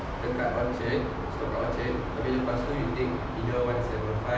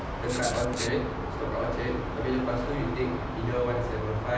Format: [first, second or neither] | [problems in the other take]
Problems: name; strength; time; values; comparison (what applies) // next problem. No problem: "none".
first | background sound (Writing); 9 dB below the speech